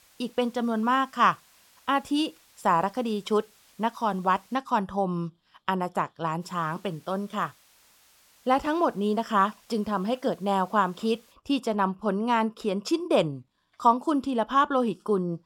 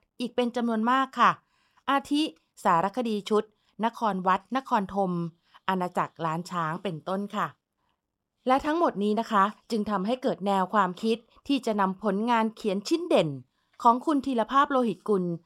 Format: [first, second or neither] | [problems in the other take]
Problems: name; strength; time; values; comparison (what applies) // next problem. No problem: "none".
second | hiss; faint; until 4.5 s and from 6.5 to 11 s; 30 dB below the speech